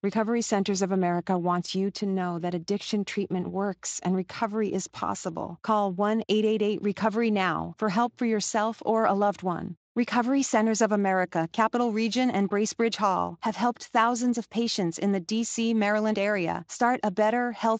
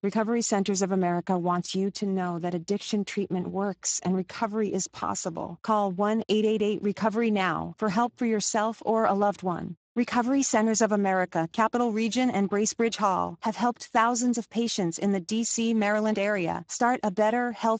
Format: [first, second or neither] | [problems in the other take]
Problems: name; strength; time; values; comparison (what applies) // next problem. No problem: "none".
first | garbled, watery; badly; nothing above 7.5 kHz; slightly in the first